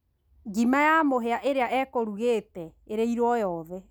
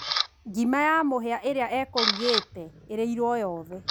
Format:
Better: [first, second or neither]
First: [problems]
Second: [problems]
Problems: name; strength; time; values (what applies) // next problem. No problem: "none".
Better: first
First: none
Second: background sound (Camera); 6 dB below the speech